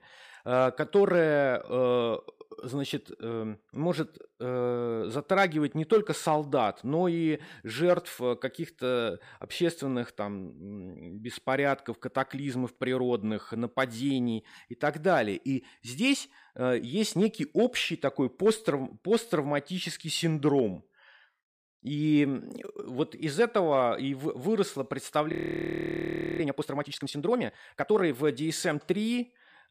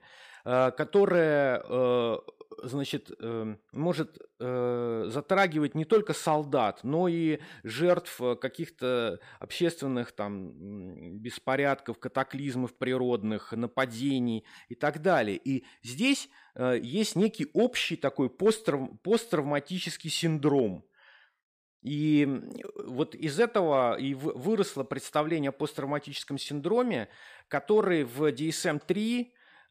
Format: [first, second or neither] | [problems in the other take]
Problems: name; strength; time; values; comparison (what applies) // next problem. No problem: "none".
second | audio freezing; at 25 s for 1 s